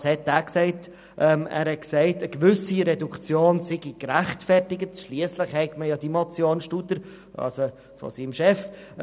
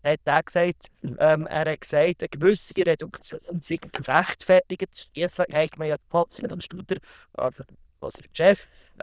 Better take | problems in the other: first | noise reduction (neural diffusion model UNIVERSE++)

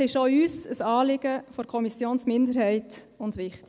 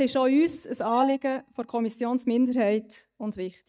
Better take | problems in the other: first | noise reduction (neural mask model DeepFilterNet 3)

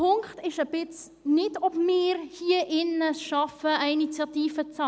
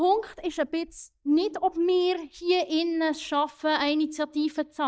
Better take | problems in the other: first | noise reduction (neural mask model DeepFilterNet 3)

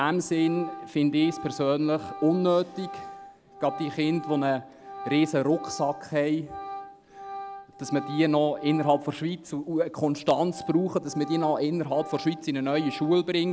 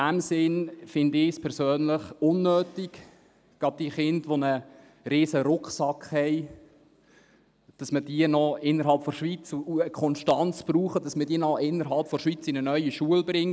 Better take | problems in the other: second | background sound (Organ); 14 dB below the speech

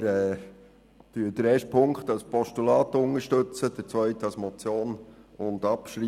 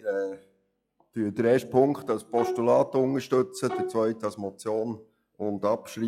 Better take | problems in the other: first | noise reduction (classical method log-MMSE)

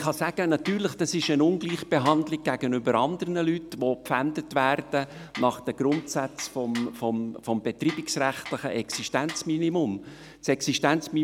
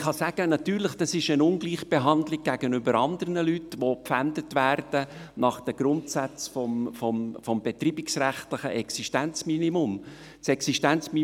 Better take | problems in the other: second | background sound (Tools); 17 dB below the speech

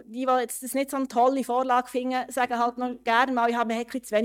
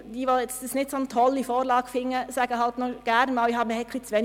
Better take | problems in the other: second | noise reduction (neural mask model DeepFilterNet 3)

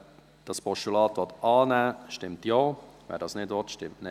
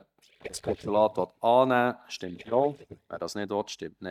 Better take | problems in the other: first | noise reduction (neural mask model DeepFilterNet 3)

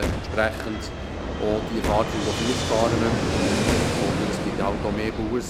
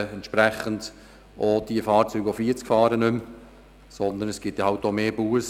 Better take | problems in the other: second | background sound (Boom + Fixed-wing aircraft, airplane); 2 dB above the speech

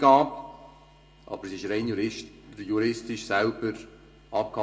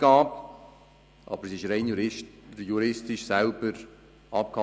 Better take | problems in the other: second | room echo; dies away in 0.3 s

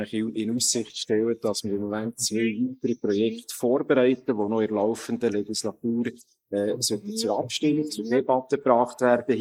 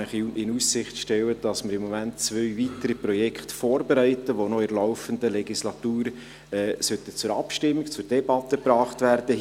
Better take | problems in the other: second | noise reduction (neural mask model Resemble Enhance denoiser)

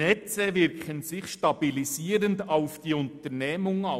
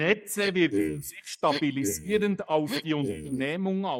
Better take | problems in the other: first | noise reduction (neural mask model Resemble Enhance denoiser)

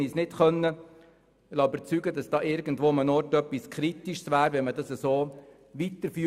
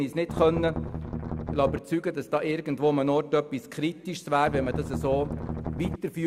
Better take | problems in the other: first | background sound (Strum); 5 dB below the speech

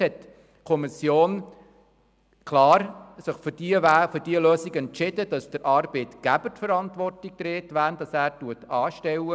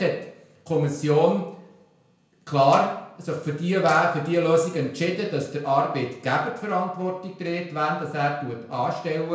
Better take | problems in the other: first | room echo; dies away in 0.5 s

